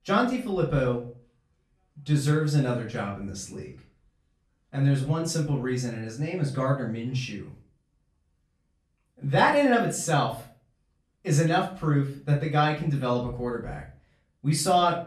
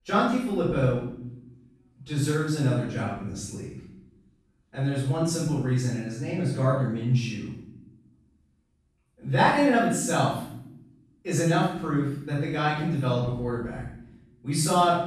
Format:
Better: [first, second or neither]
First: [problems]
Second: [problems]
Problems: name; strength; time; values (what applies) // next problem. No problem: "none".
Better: first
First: room echo; slight; dies away in 0.3 s // off-mic speech; far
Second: room echo; strong; dies away in 0.7 s // off-mic speech; far